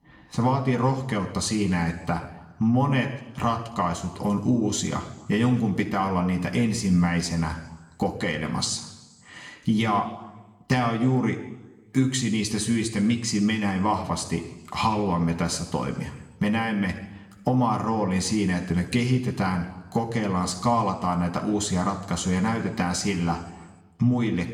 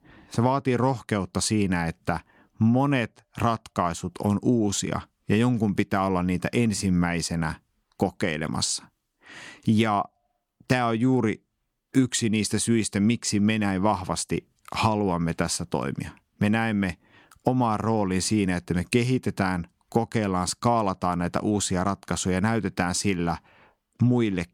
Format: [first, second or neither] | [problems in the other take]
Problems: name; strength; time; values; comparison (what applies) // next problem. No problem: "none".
second | room echo; slight; dies away in 1 s